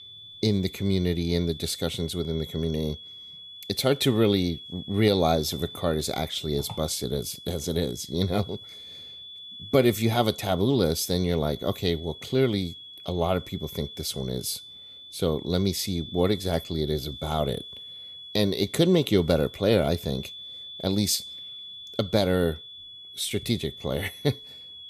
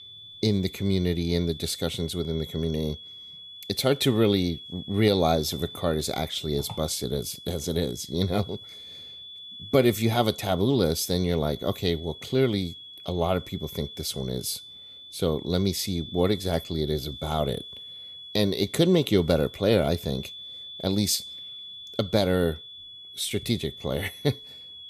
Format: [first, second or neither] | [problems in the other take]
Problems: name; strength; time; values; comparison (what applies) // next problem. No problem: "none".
neither | high-pitched whine; noticeable; throughout; 3.5 kHz, 15 dB below the speech; the same in both